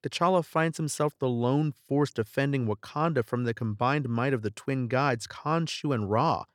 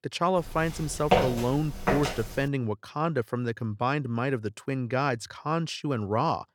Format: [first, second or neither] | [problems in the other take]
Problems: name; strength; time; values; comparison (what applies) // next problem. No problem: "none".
first | footsteps; loud; from 1 to 2.5 s; peak 4 dB above the speech